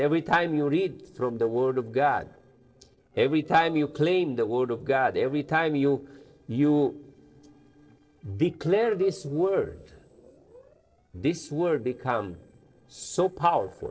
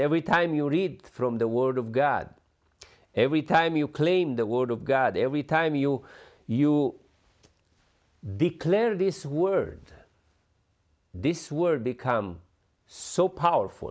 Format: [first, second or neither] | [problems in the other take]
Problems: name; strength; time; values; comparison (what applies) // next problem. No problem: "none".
second | noise reduction (neural separator model SepFormer DNS4)